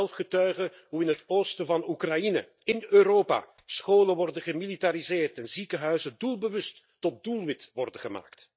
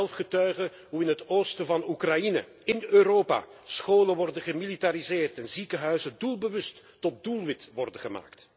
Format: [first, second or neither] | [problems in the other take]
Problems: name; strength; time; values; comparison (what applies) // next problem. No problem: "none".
second | noise reduction (neural mask model DeepFilterNet 3)